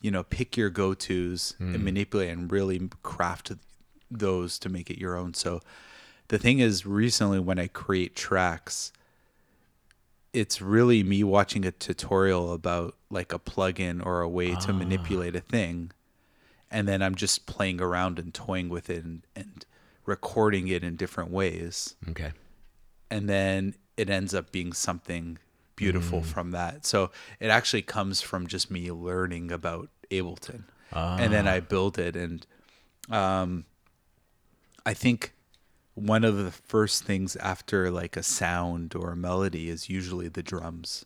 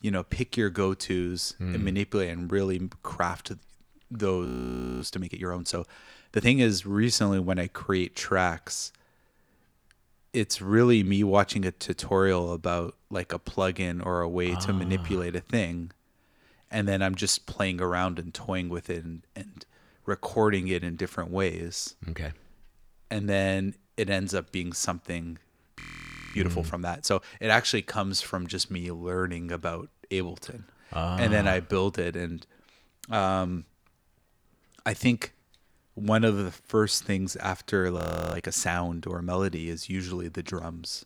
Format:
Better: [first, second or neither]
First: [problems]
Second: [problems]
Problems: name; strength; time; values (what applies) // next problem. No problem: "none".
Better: first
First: none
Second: audio freezing; at 4.5 s for 0.5 s, at 26 s for 0.5 s and at 38 s